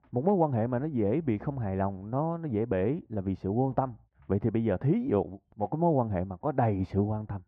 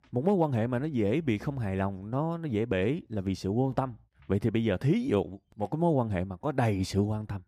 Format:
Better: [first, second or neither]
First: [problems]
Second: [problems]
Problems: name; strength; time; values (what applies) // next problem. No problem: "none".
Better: second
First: muffled; very; fading above 3.5 kHz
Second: none